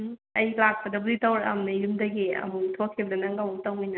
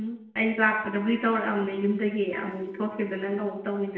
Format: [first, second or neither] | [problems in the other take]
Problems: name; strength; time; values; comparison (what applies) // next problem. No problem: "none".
first | noise reduction (neural separator model SepFormer DNS4)